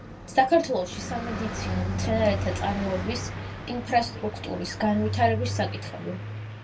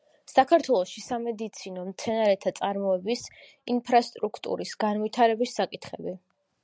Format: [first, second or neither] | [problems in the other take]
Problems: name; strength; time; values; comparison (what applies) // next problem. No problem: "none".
second | background sound (Car passing by); 4 dB below the speech // room echo; dies away in 0.2 s